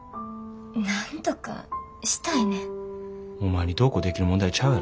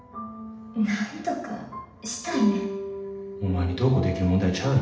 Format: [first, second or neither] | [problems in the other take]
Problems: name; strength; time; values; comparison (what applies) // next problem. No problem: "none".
first | room echo; dies away in 0.8 s